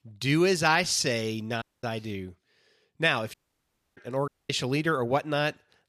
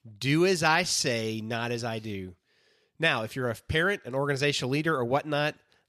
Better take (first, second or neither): second